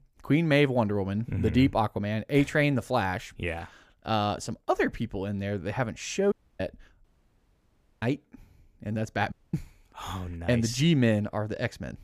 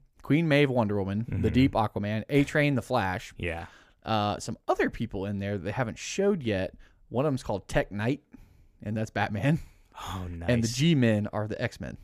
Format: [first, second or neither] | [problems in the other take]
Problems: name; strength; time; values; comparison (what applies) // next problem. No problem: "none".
second | audio cutting out; at 6.5 s, at 7 s for 1 s and at 9.5 s